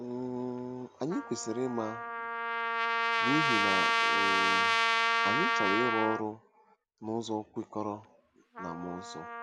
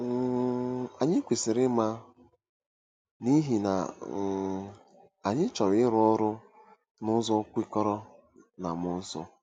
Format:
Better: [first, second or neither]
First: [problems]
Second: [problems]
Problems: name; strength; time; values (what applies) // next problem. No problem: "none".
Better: second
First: background sound (Trumpet); 5 dB above the speech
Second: none